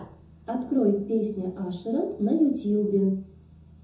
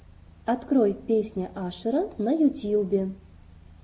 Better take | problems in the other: second | room echo; dies away in 0.5 s

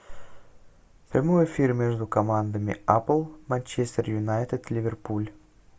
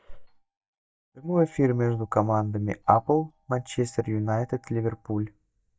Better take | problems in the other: first | noise reduction (neural mask model DeepFilterNet 3)

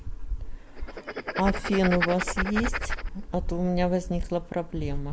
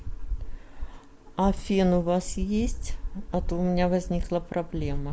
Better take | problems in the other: second | background sound (Writing); 6 dB below the speech

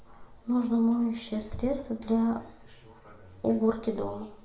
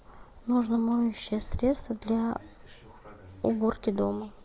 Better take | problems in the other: second | room echo; dies away in 0.5 s

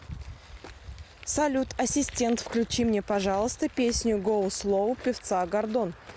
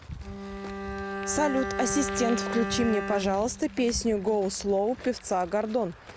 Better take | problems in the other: first | background sound (Bowed string instrument); 8 dB below the speech

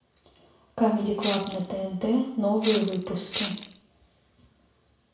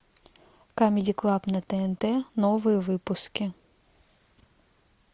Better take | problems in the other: second | background sound (Rattle (instrument)); 7 dB below the speech // room echo; dies away in 0.6 s

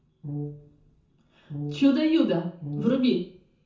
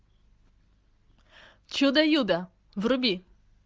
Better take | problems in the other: second | background sound (Brass instrument); 11 dB below the speech // room echo; dies away in 0.6 s

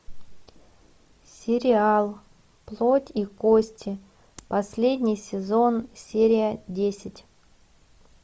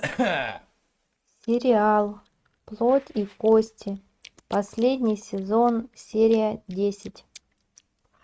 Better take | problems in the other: first | noise reduction (neural mask model RNNoise)

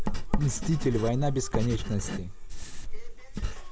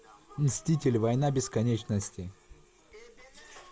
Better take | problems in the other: second | background sound (Writing); 1 dB above the speech

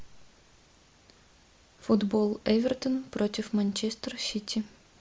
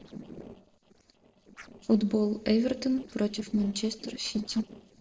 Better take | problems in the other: first | noise reduction (neural separator model SepFormer DNS4)

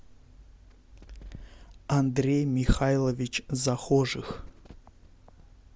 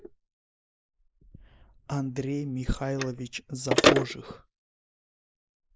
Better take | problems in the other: first | noise reduction (neural mask model Resemble Enhance denoiser)

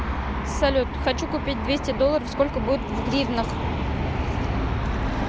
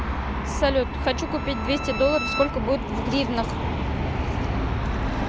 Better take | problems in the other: first | background sound (Bowed string instrument); 14 dB below the speech

